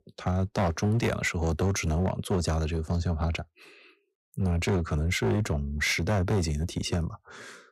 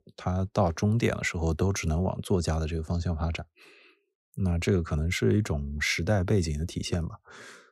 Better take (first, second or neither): second